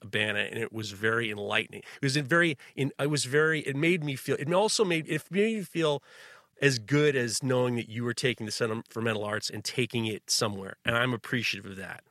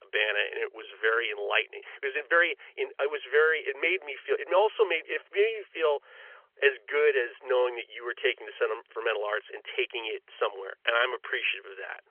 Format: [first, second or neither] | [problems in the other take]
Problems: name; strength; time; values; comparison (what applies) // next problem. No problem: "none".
first | phone-call audio; nothing above 3.5 kHz